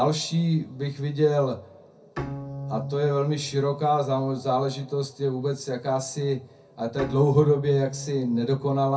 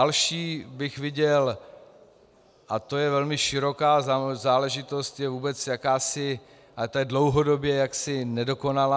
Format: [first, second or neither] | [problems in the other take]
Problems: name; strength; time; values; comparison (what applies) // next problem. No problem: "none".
second | background sound (Bowed string instrument); 13 dB below the speech // room echo; dies away in 0.3 s